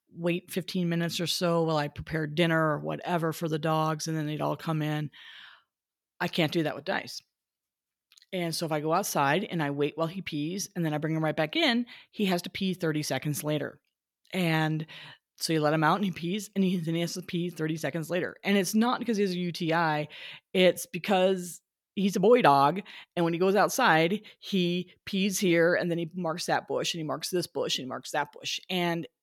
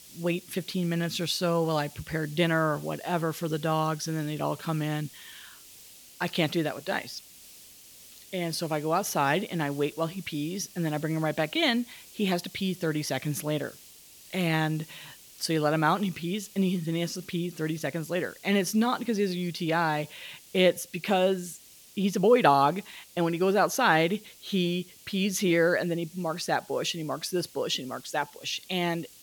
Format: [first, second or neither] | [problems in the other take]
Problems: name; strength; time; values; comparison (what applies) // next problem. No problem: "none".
first | hiss; faint; throughout; 20 dB below the speech